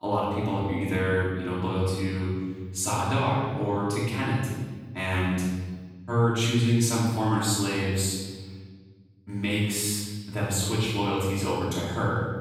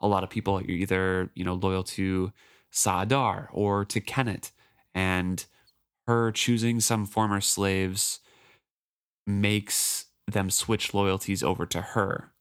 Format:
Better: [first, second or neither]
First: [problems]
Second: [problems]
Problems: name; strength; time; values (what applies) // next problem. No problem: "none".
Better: second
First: off-mic speech; far // room echo; strong; dies away in 1.6 s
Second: none